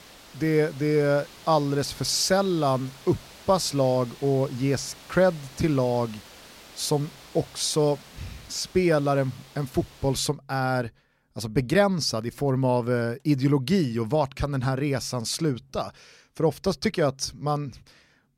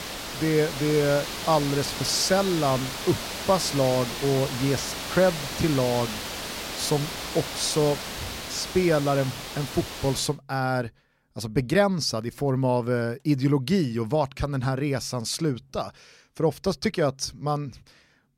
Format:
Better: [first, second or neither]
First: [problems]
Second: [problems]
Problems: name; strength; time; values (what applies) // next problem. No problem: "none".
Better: first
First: hiss; faint; until 10 s; 20 dB below the speech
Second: hiss; loud; until 10 s; 6 dB below the speech